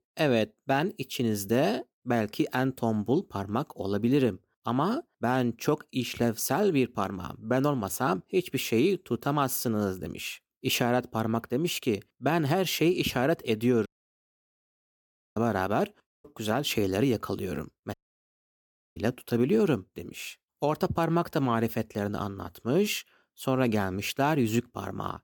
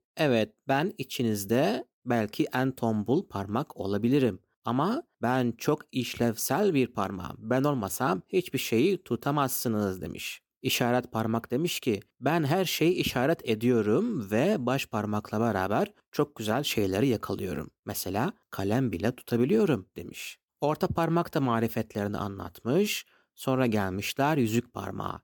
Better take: second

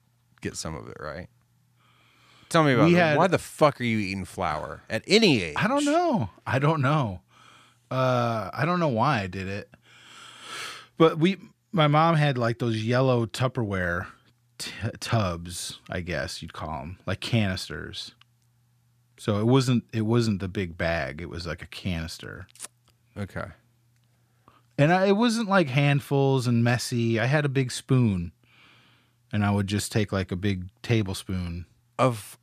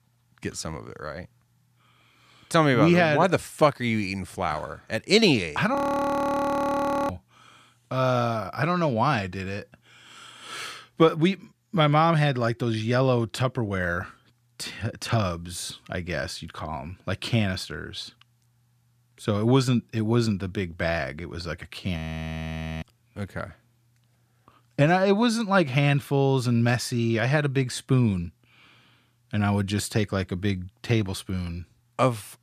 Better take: first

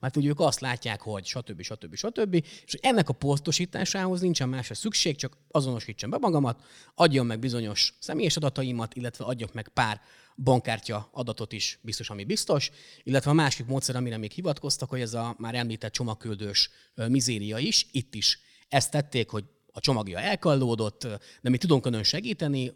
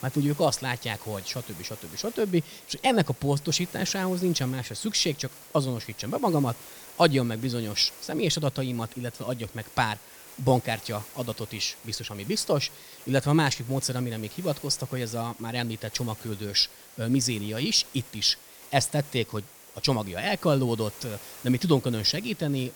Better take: first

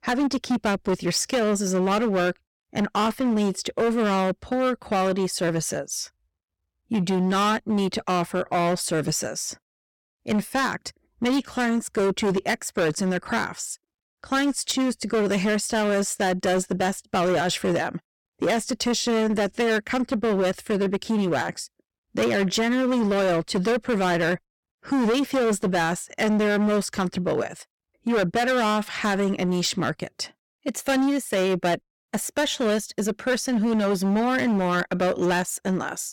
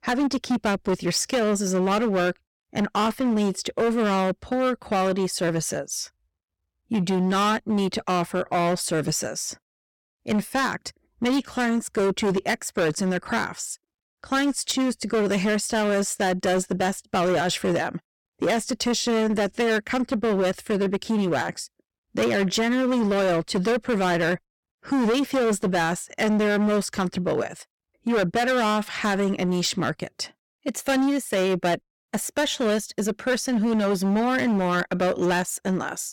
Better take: neither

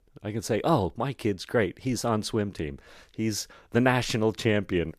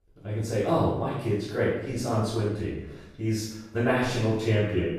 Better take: first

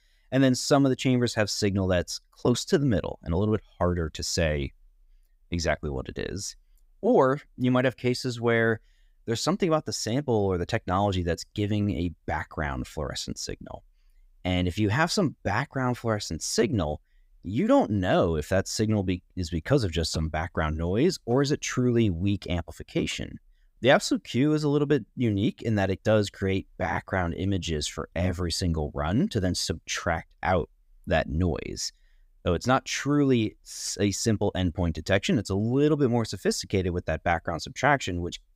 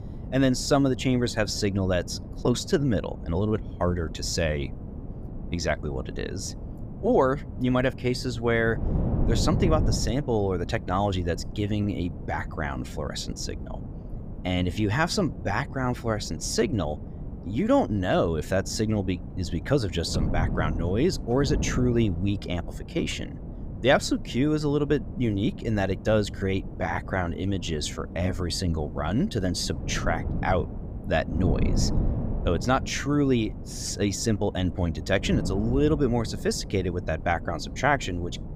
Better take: first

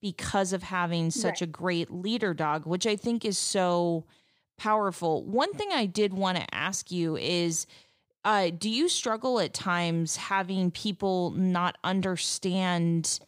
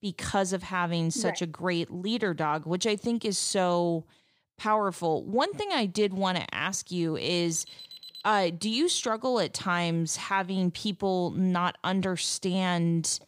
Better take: first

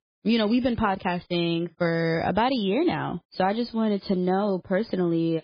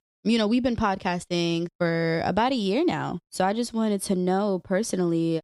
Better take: second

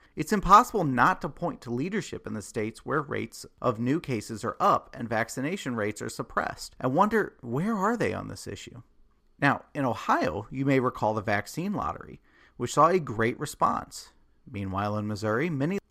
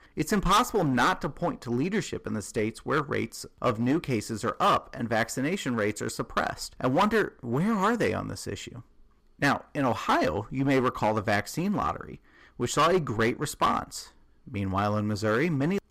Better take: first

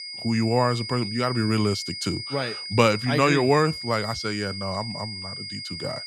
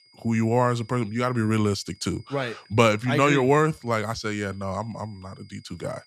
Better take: second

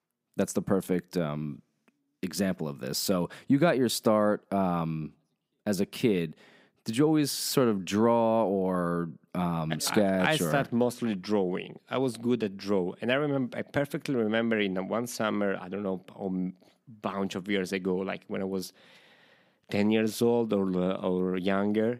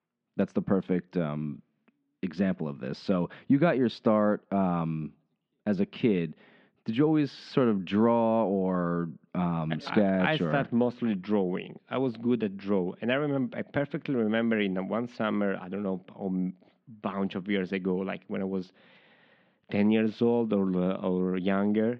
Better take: first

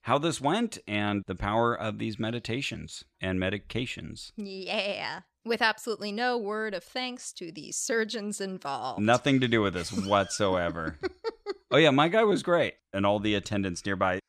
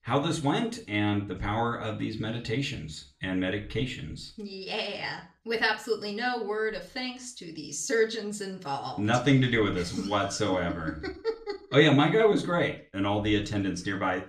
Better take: first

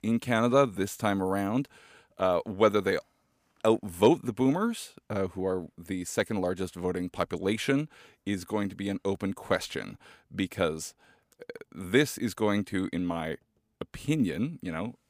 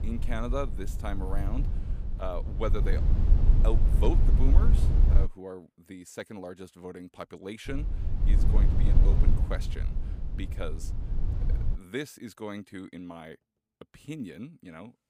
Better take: first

